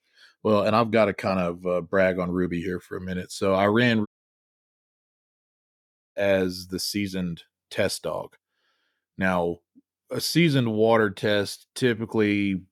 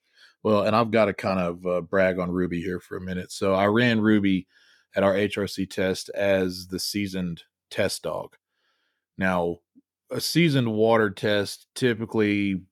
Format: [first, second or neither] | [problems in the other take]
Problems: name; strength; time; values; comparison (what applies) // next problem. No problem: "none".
second | audio cutting out; at 4 s for 2 s